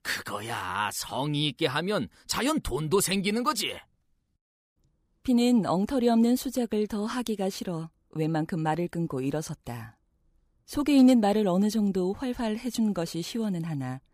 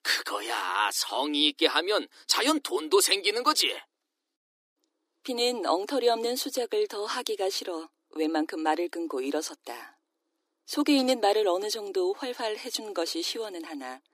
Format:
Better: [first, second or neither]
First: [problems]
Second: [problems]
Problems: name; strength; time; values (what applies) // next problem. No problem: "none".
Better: first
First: none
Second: thin; somewhat; fading below 300 Hz